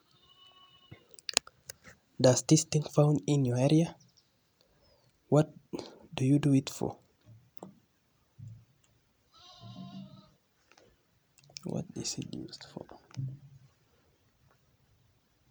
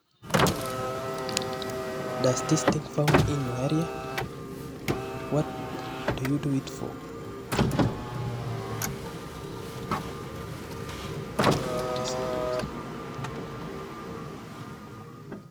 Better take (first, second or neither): first